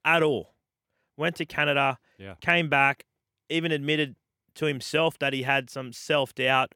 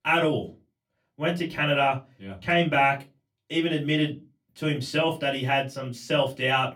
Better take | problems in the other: first | off-mic speech; far // room echo; very slight; dies away in 0.2 s

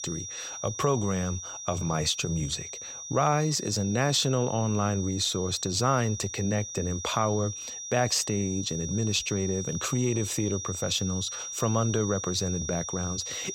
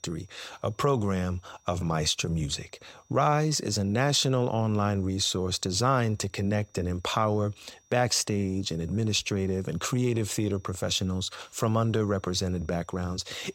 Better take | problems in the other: second | high-pitched whine; loud; throughout; 6 kHz, 7 dB below the speech; faint in the second

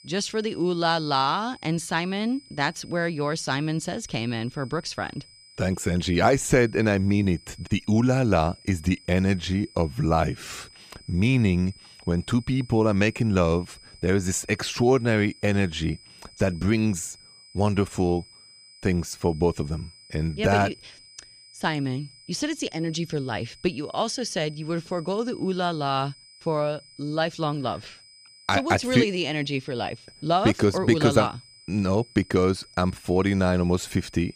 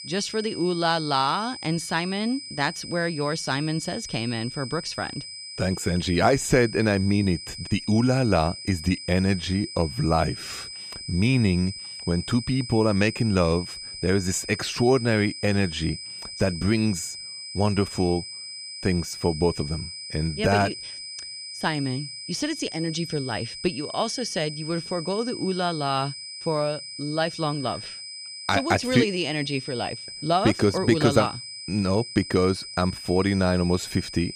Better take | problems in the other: first | high-pitched whine; loud; throughout; 5 kHz, 10 dB below the speech; faint in the first

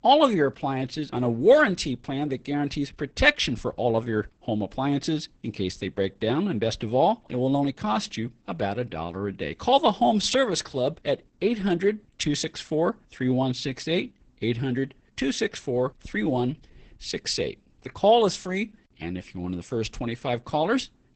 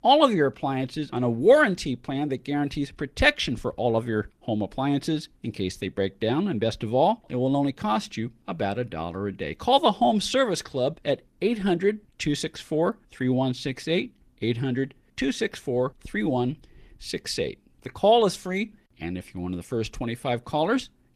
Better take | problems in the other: second | garbled, watery; badly; nothing above 8 kHz; slightly in the second

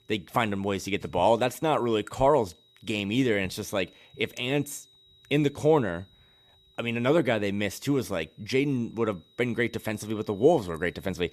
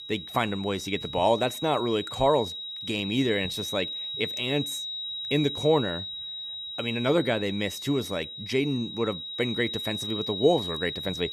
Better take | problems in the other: first | high-pitched whine; loud; throughout; 4 kHz, 6 dB below the speech; faint in the first

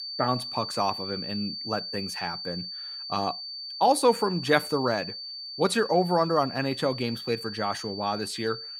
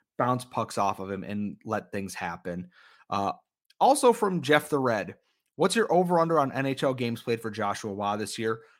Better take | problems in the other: second | high-pitched whine; loud; throughout; 4.5 kHz, 7 dB below the speech

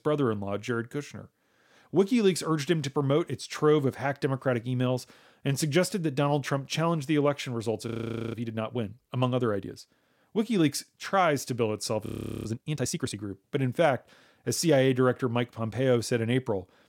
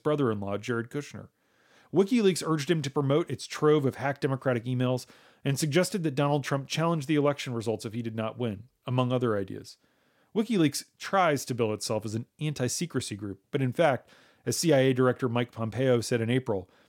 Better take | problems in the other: second | audio freezing; at 8 s and at 12 s

